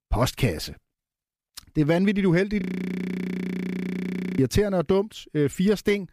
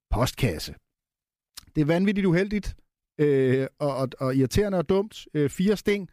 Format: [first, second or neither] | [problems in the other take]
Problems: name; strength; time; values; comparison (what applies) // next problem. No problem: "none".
second | audio freezing; at 2.5 s for 2 s